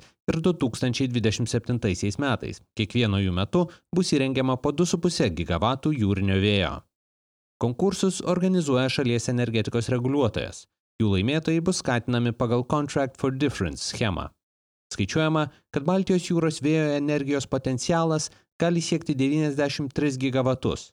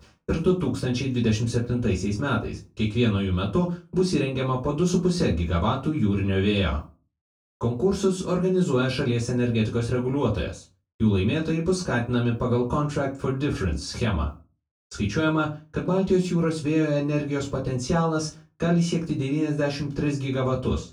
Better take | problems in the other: first | off-mic speech; far // room echo; very slight; dies away in 0.2 s

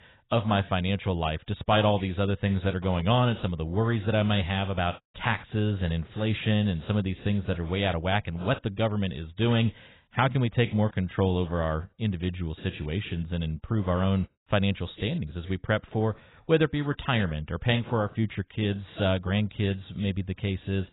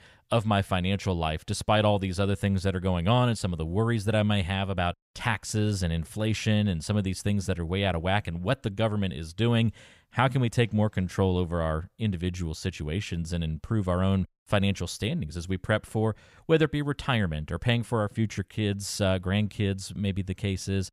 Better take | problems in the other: second | garbled, watery; badly; nothing above 4 kHz

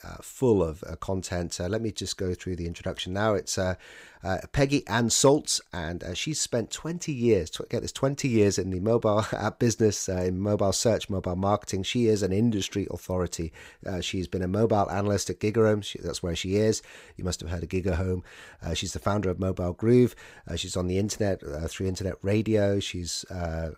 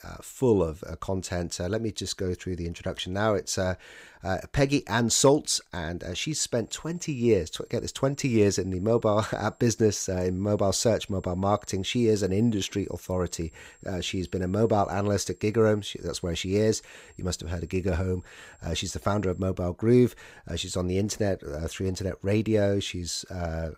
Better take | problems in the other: first | high-pitched whine; faint; from 6.5 to 19 s; 7.5 kHz, 30 dB below the speech

